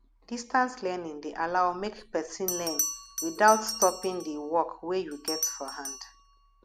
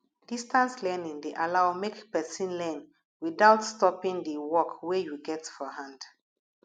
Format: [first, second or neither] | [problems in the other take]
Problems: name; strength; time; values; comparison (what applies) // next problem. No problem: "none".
second | background sound (Bell); 8 dB below the speech